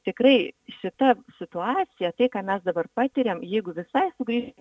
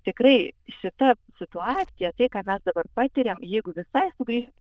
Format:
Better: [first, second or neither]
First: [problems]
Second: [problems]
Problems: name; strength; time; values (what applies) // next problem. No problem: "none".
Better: first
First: none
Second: noise reduction (neural diffusion model UNIVERSE++)